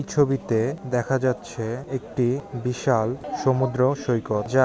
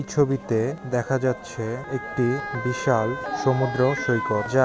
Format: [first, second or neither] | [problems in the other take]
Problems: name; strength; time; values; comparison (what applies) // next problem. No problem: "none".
first | background sound (Motor vehicle (road) / Siren); 10 dB below the speech